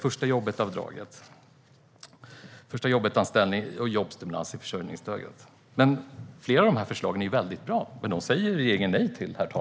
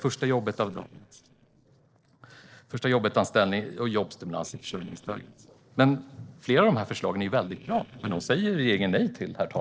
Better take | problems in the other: first | noise reduction (neural separator model SepFormer DNS4)

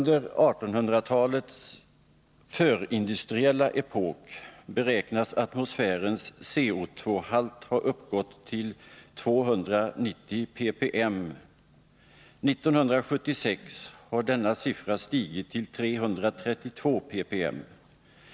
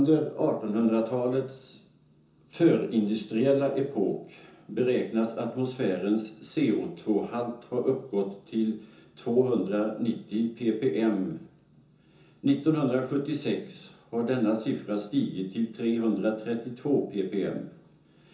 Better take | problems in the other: first | room echo; dies away in 0.6 s

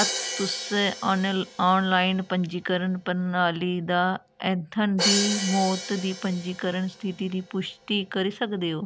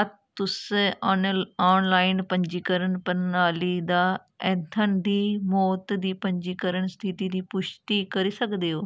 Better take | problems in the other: second | background sound (Crash cymbal); 9 dB below the speech

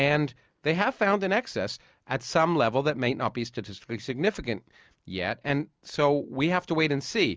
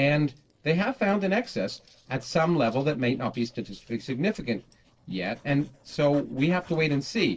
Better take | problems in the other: first | noise reduction (neural separator model SepFormer DNS4)

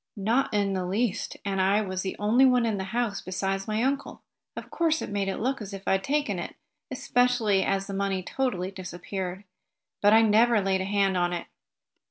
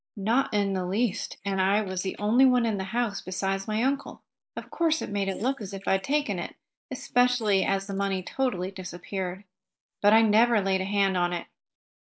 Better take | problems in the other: first | noise reduction (neural mask model Resemble Enhance denoiser)

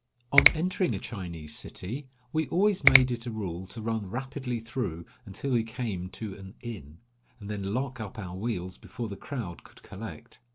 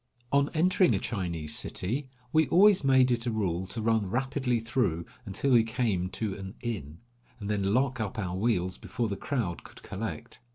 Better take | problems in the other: second | background sound (Finger snapping); 2 dB above the speech

